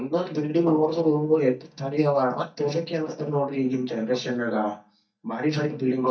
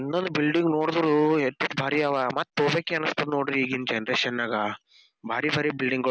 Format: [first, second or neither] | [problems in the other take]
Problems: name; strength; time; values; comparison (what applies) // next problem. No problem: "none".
second | noise reduction (neural mask model DeepFilterNet 3)